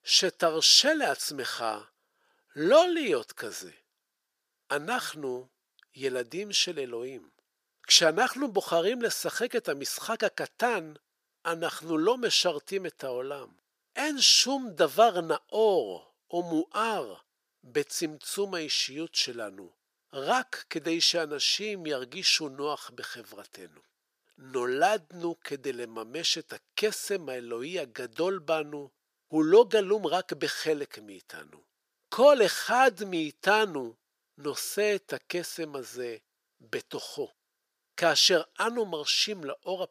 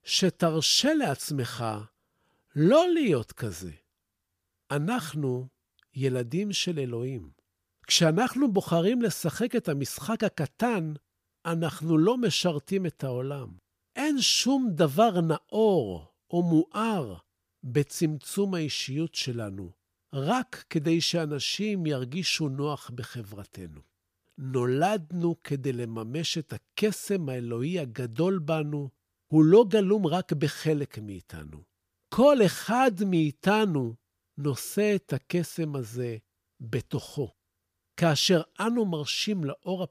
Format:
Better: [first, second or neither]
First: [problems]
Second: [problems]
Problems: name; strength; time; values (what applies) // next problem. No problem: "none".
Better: second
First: thin; somewhat; fading below 500 Hz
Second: none